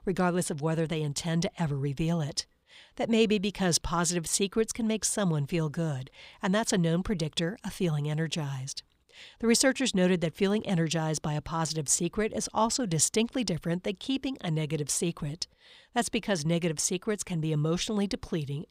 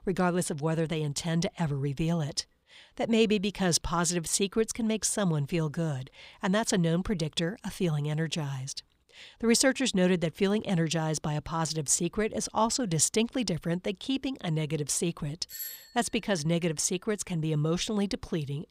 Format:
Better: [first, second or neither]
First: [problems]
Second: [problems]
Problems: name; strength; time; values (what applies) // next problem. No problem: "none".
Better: first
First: none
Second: doorbell; noticeable; at 16 s; peak 9 dB below the speech